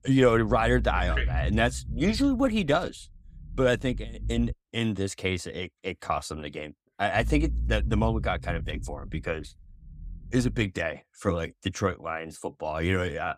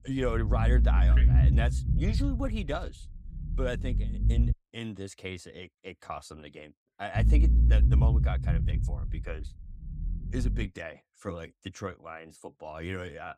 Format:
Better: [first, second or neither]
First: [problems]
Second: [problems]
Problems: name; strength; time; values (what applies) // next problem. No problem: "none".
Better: first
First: low rumble; faint; until 4.5 s and from 7 to 11 s; 20 dB below the speech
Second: low rumble; loud; until 4.5 s and from 7 to 11 s; 5 dB below the speech